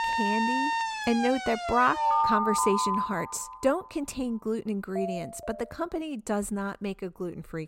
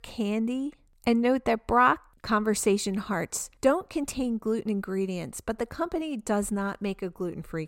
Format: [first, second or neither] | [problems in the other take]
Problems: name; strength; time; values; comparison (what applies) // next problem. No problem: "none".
second | alarms or sirens; very loud; until 5 s; 1 dB above the speech